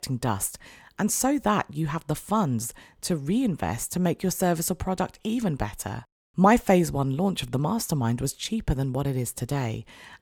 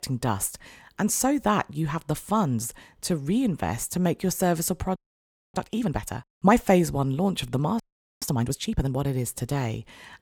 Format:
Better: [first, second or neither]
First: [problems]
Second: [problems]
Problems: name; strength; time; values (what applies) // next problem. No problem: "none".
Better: first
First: none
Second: audio freezing; at 5 s for 0.5 s and at 8 s